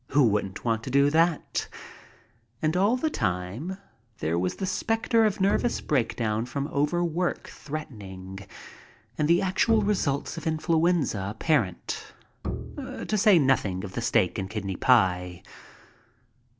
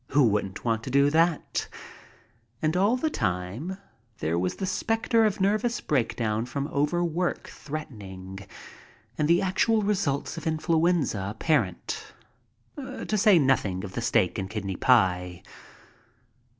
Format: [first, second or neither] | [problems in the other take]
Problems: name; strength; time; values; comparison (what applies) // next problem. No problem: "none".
second | background sound (Bowed string instrument); 10 dB below the speech